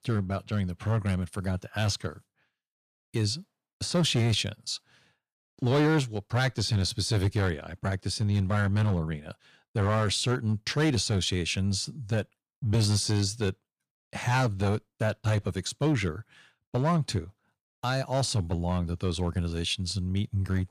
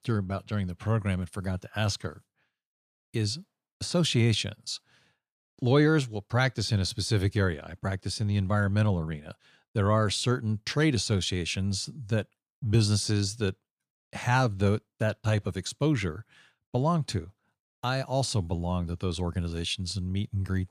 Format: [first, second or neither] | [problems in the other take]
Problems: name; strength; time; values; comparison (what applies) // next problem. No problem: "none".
second | distortion; slight; 5% of the sound clipped